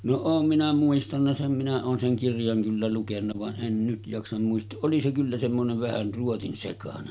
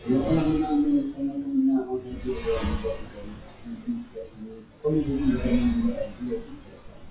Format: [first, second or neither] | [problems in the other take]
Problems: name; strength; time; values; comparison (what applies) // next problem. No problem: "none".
first | noise reduction (classical method WPE with log-MMSE)